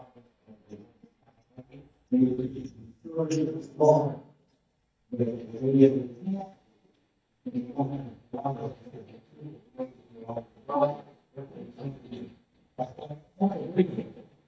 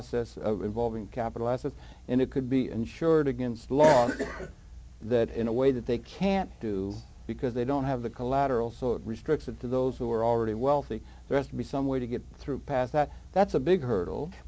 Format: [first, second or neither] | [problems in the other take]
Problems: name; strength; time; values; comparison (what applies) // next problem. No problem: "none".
second | noise reduction (neural mask model DeepFilterNet 3)